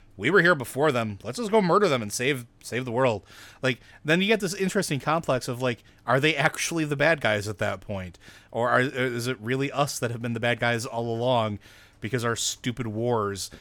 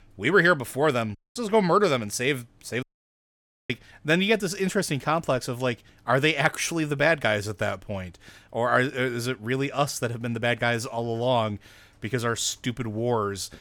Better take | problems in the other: first | audio cutting out; at 1 s and at 3 s for 1 s

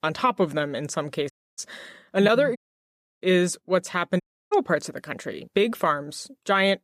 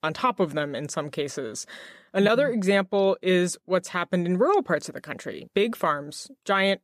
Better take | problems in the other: second | audio cutting out; at 1.5 s, at 2.5 s for 0.5 s and at 4 s

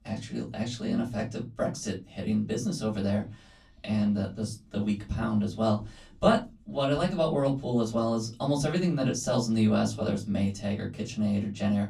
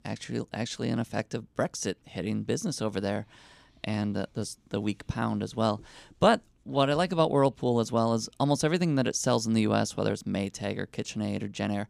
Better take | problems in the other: second | off-mic speech; far // room echo; very slight; dies away in 0.3 s

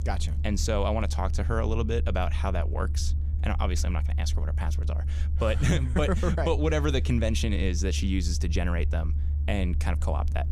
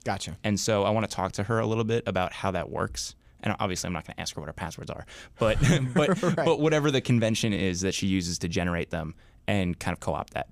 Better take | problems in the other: second | low rumble; noticeable; throughout; 15 dB below the speech

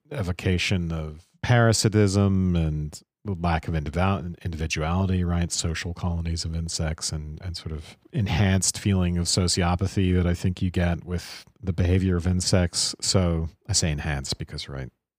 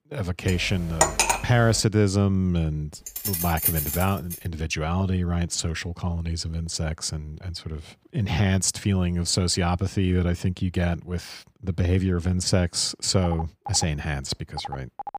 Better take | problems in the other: first | clattering dishes; loud; at 0.5 s; peak 5 dB above the speech // jangling keys; loud; from 3 to 4.5 s; peak 2 dB above the speech // phone ringing; faint; from 13 s on; peak 10 dB below the speech

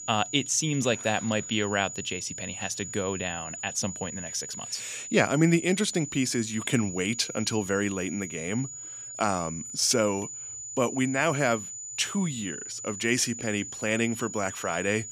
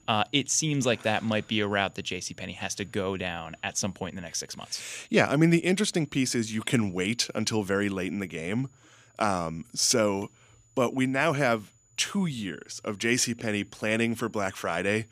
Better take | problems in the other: second | high-pitched whine; loud; throughout; 7 kHz, 8 dB below the speech; faint in the second

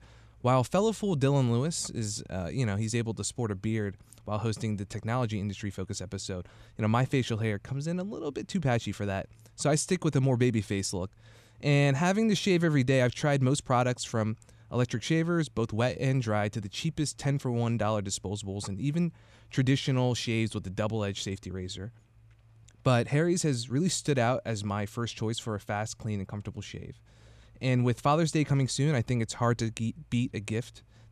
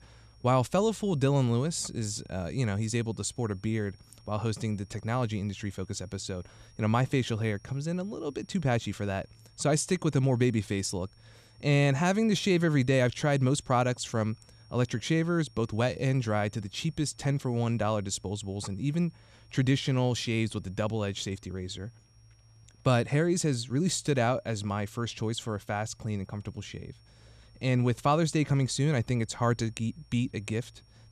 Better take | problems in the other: first | high-pitched whine; faint; throughout; 5.5 kHz, 35 dB below the speech

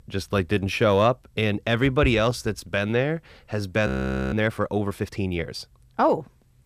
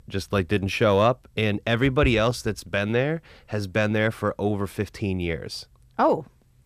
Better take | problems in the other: second | audio freezing; at 4 s

